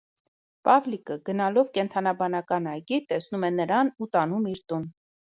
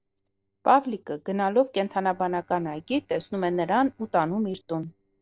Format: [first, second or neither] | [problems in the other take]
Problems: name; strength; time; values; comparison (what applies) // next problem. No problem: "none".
first | noise reduction (neural separator model SepFormer DNS4)